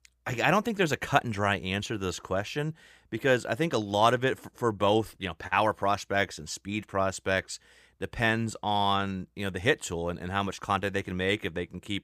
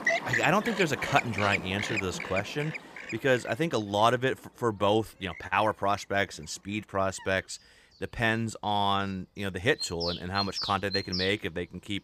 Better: first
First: none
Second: animal sounds; loud; throughout; 4 dB below the speech

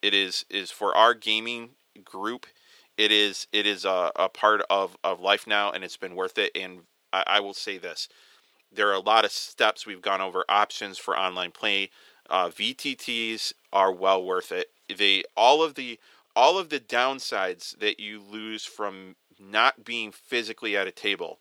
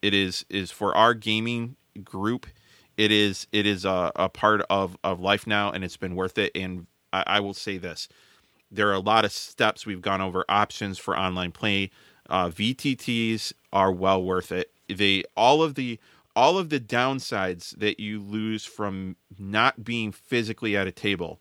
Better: second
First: thin; somewhat; fading below 500 Hz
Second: none

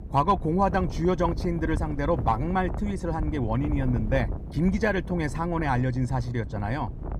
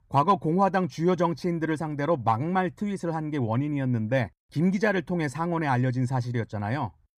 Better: second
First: wind noise on the microphone; occasional gusts; 15 dB below the speech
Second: none

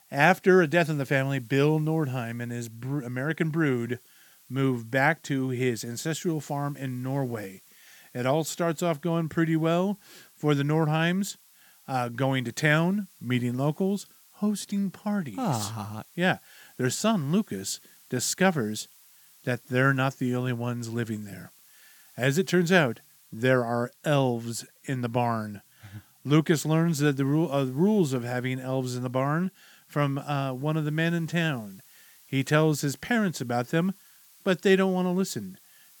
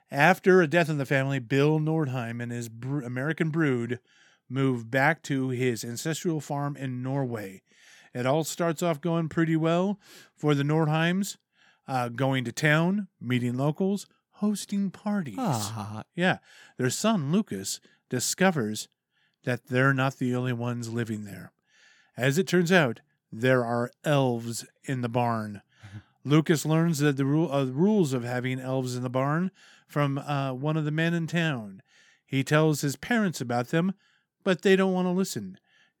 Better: second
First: hiss; faint; throughout; 25 dB below the speech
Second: none

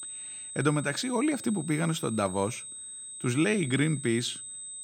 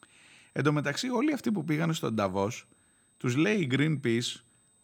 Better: second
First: high-pitched whine; loud; throughout; 8 kHz, 10 dB below the speech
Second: high-pitched whine; faint; throughout; 8 kHz, 35 dB below the speech

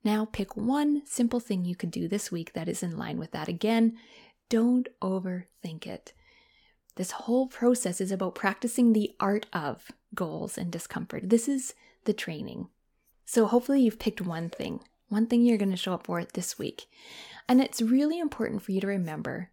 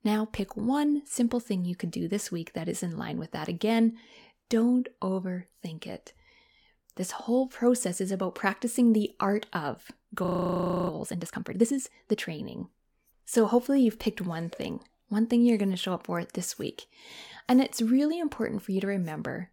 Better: first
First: none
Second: audio freezing; at 10 s for 0.5 s

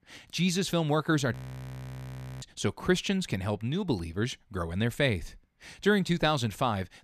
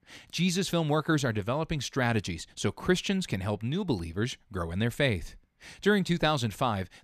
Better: second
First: audio freezing; at 1.5 s for 1 s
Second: none

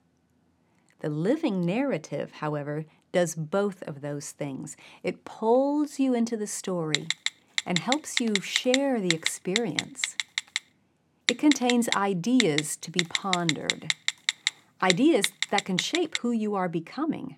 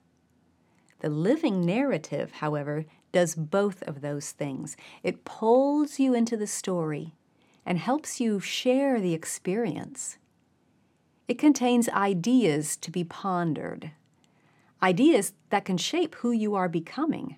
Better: second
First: phone ringing; loud; from 7 to 16 s; peak 2 dB above the speech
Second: none

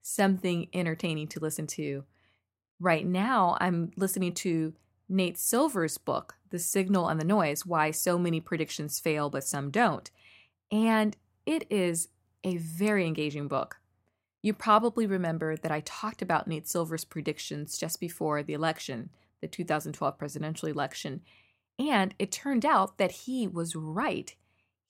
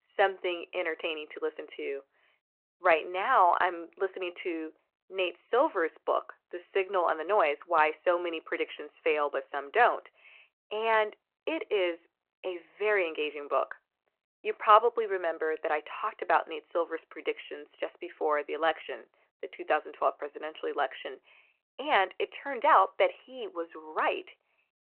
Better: first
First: none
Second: phone-call audio

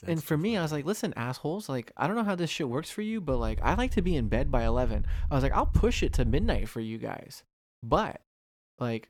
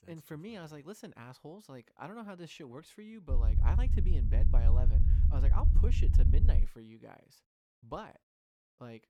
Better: first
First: low rumble; faint; from 3.5 to 6.5 s; 25 dB below the speech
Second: low rumble; loud; from 3.5 to 6.5 s; 2 dB below the speech

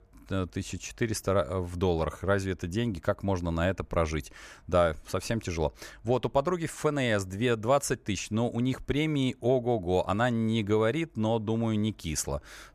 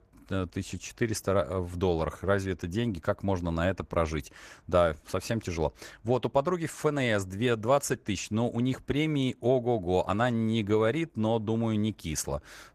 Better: first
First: none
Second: garbled, watery; slightly; nothing above 14.5 kHz

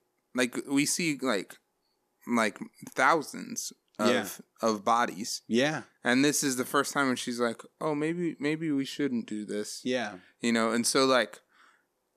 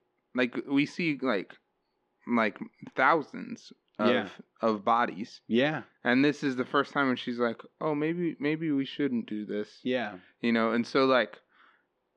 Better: first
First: none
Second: muffled; slightly; fading above 3.5 kHz

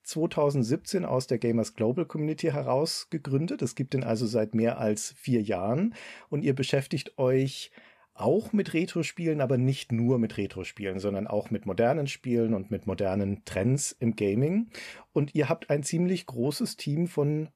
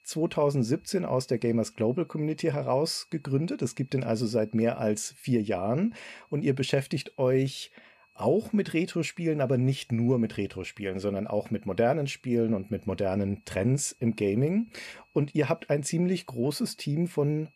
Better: first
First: none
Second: high-pitched whine; faint; throughout; 2.5 kHz, 35 dB below the speech

